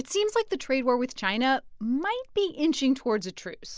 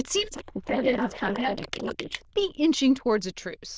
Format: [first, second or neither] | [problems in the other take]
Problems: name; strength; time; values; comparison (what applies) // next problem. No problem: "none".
first | noise reduction (neural diffusion model UNIVERSE++)